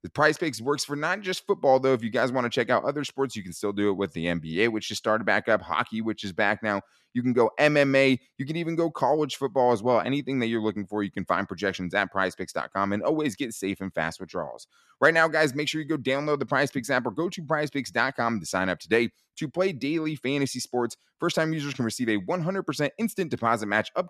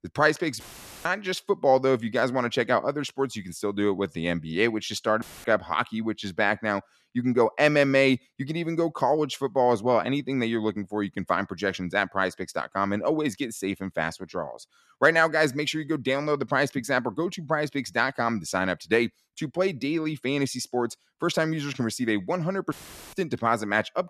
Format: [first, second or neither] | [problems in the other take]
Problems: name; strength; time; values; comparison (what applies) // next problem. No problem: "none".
first | audio cutting out; filled with static; at 0.5 s, at 5 s and at 23 s